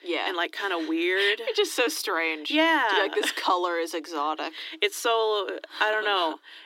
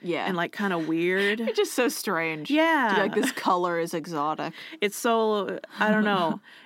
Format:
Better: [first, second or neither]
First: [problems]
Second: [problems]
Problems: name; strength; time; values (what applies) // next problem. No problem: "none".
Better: second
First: thin; somewhat; fading below 300 Hz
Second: none